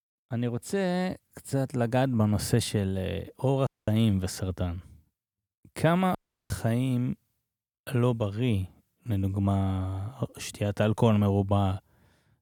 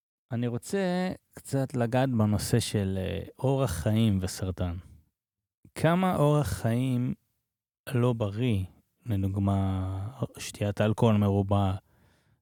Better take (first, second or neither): second